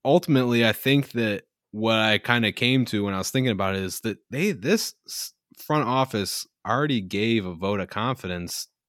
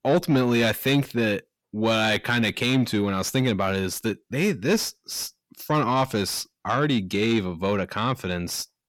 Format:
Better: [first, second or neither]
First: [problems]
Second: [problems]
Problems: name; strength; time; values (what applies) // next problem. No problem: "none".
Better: first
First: none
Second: distortion; slight; 10 dB below the speech